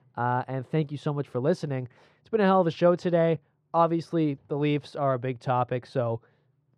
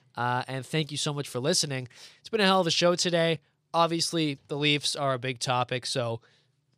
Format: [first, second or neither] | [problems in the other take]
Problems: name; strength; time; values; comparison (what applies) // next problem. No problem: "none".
second | muffled; very; fading above 2.5 kHz